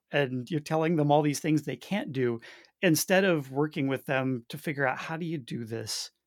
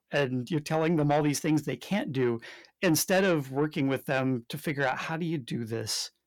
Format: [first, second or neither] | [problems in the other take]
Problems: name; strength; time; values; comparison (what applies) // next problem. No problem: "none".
first | distortion; slight; 10 dB below the speech